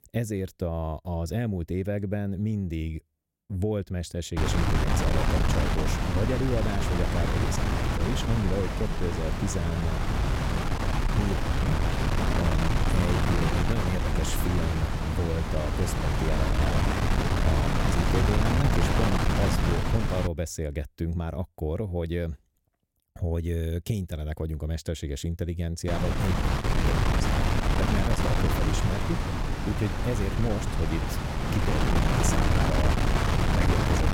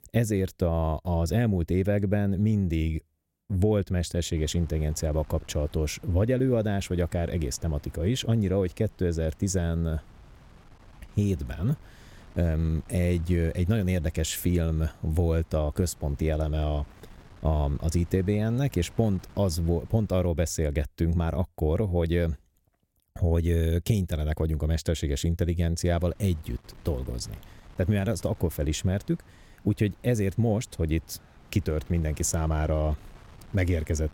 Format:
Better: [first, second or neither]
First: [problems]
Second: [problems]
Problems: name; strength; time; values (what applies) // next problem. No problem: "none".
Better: second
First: wind noise on the microphone; heavy; from 4.5 to 20 s and from 26 s on; 5 dB above the speech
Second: wind noise on the microphone; occasional gusts; from 4.5 to 20 s and from 26 s on; 25 dB below the speech